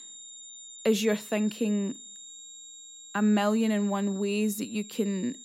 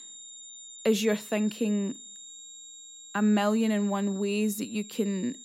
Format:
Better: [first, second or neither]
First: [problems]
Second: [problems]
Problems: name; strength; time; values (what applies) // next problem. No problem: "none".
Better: neither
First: high-pitched whine; noticeable; throughout; 7.5 kHz, 15 dB below the speech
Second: high-pitched whine; noticeable; throughout; 7.5 kHz, 15 dB below the speech